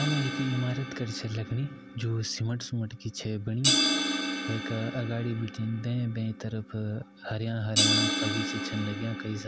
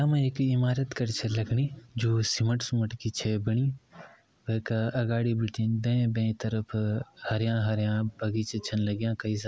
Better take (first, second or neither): second